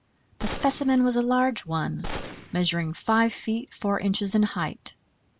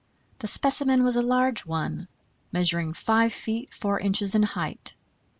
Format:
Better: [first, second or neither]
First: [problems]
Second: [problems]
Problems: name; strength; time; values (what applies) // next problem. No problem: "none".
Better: second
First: background sound (Gunshot, gunfire); 12 dB below the speech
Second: none